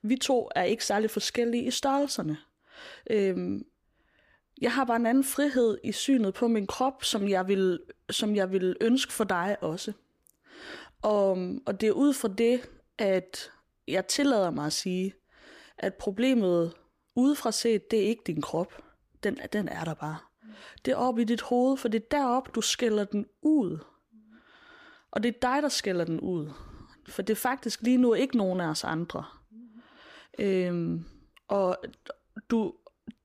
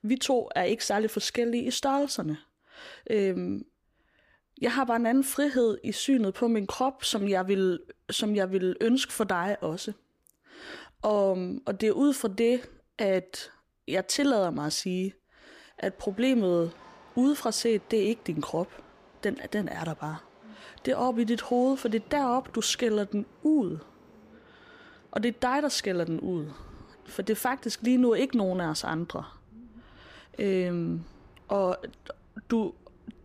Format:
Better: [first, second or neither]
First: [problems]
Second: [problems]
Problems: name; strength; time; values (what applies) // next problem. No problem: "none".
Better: first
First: none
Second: train or aircraft noise; faint; from 16 s on; 30 dB below the speech